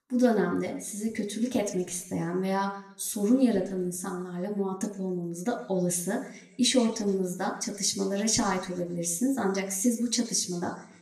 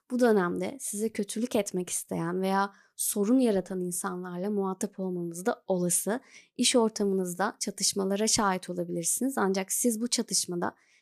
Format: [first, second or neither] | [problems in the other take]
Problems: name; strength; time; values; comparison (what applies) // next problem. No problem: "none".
second | room echo; very slight; dies away in 0.7 s